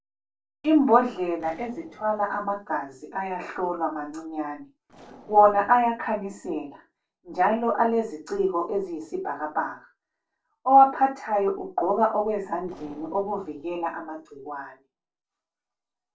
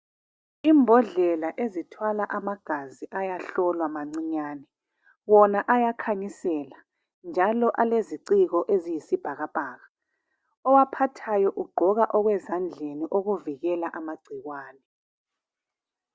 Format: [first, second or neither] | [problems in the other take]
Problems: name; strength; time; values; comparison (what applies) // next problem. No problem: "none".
second | noise reduction (neural separator model SepFormer DNS4)